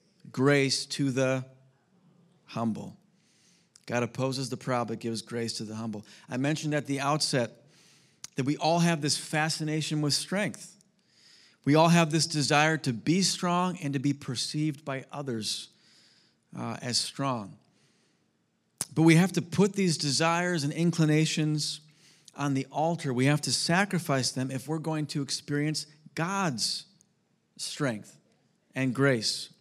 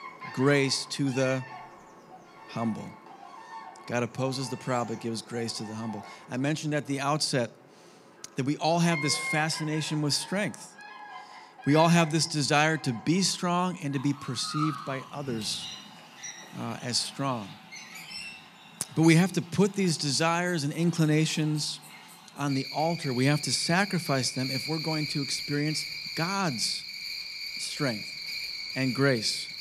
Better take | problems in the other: first | animal sounds; loud; throughout; 10 dB below the speech

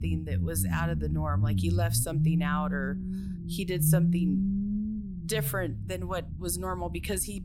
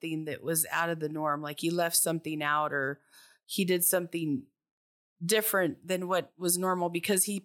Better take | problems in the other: second | low rumble; loud; throughout; 5 dB below the speech

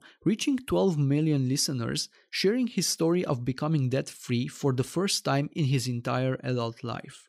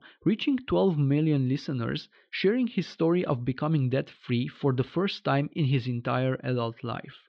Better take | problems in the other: first | muffled; very; fading above 3.5 kHz

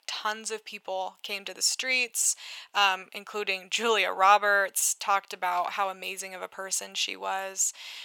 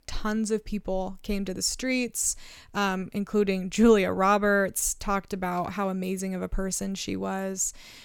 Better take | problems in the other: second | thin; very; fading below 850 Hz

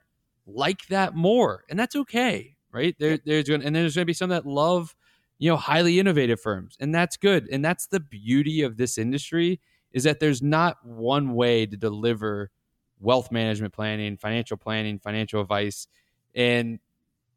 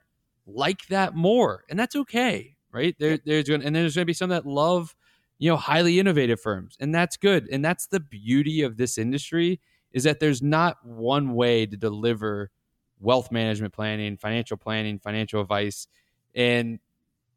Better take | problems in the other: neither | none

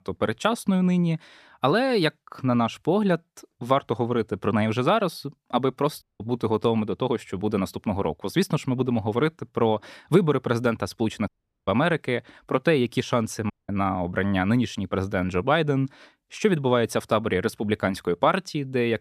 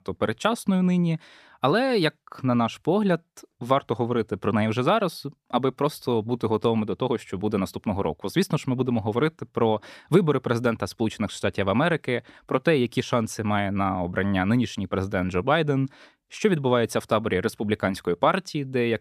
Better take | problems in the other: second | audio cutting out; at 6 s, at 11 s and at 14 s

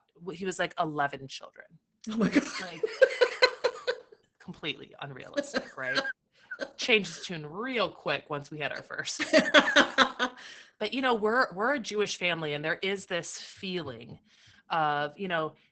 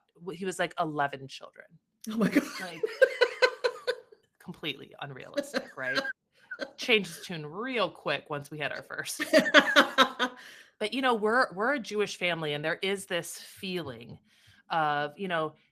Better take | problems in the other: second | garbled, watery; badly; nothing above 8 kHz; slightly in the second

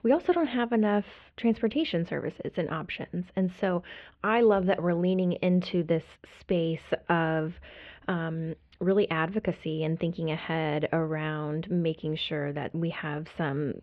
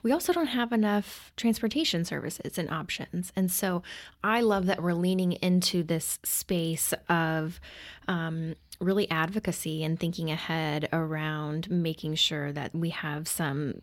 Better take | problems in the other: second | muffled; very; fading above 3 kHz

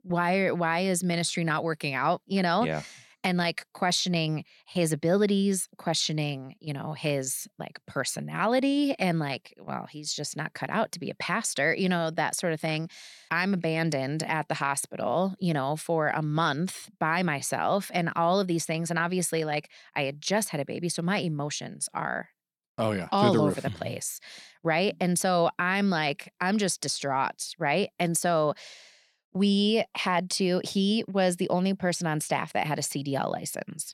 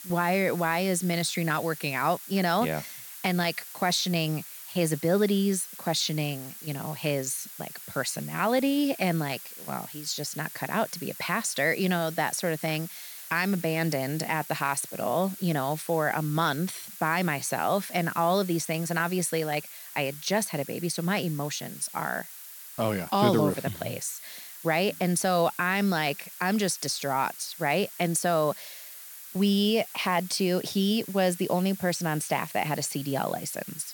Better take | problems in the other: first | hiss; noticeable; throughout; 10 dB below the speech

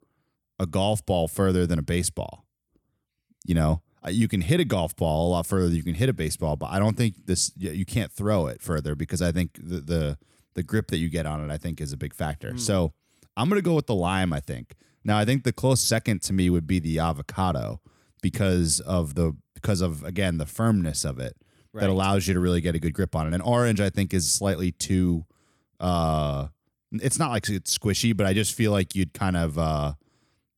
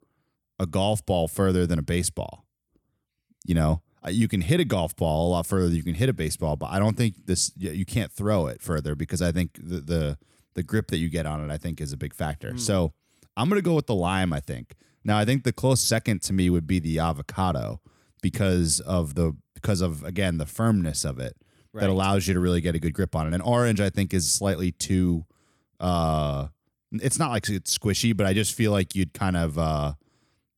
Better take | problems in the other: neither | none

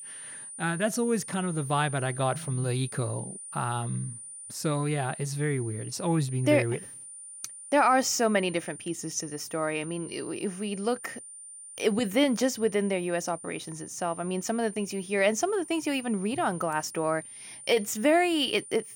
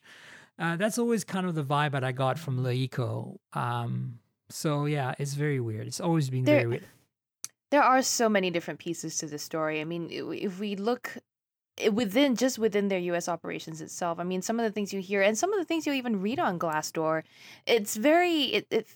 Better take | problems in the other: second | high-pitched whine; noticeable; throughout; 9.5 kHz, 15 dB below the speech

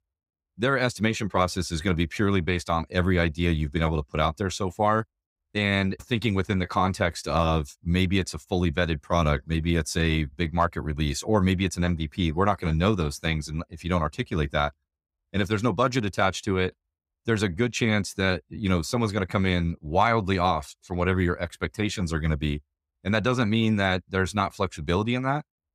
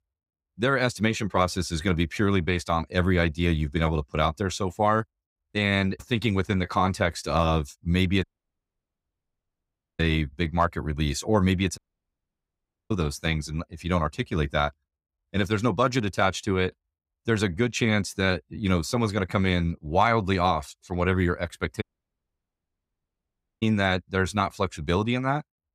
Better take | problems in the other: first | audio cutting out; at 8 s for 2 s, at 12 s for 1 s and at 22 s for 2 s

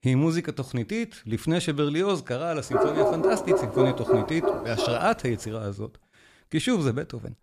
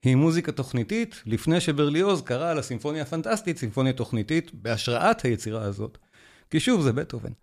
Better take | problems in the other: second | dog barking; loud; from 2.5 to 5 s; peak 5 dB above the speech

